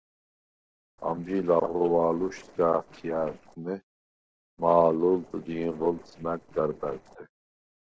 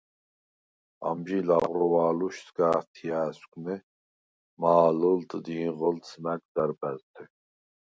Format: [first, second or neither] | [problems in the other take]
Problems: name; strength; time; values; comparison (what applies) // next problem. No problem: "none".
second | noise reduction (neural separator model SepFormer DNS4)